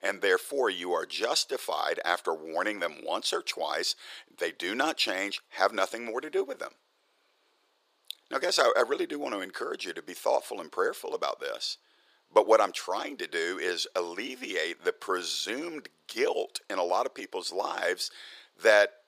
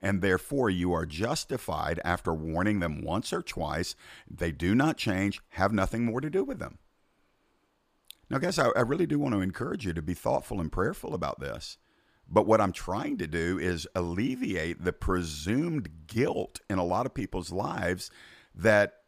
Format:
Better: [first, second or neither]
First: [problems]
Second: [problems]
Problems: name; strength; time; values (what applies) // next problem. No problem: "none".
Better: second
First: thin; very; fading below 400 Hz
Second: none